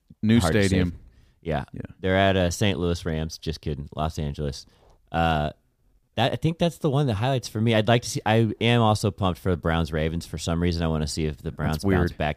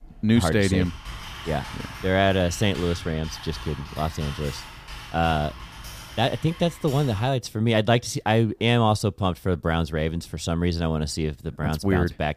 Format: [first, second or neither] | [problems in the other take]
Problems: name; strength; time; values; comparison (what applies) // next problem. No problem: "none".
first | keyboard typing; faint; until 7.5 s; peak 10 dB below the speech